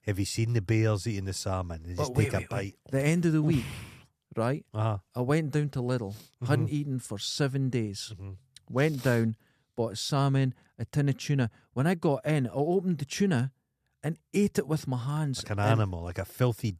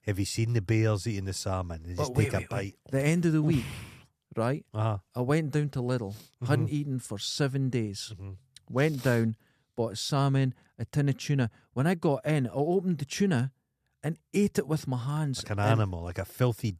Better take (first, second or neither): neither